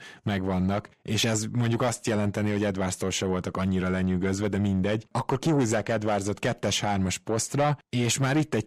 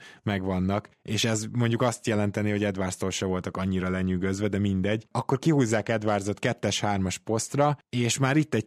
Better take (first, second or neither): second